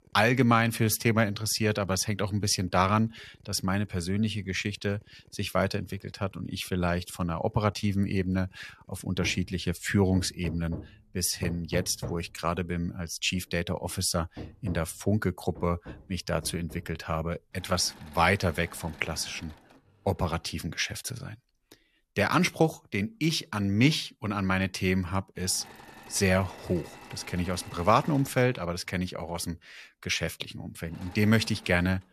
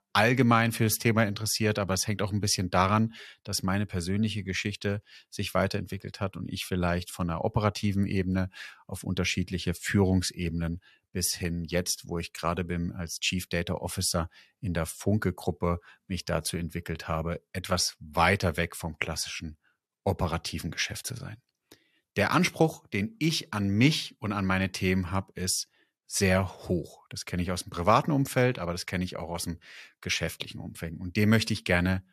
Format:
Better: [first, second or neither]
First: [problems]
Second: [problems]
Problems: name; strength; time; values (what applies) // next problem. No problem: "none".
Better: second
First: machinery noise; noticeable; throughout; 20 dB below the speech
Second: none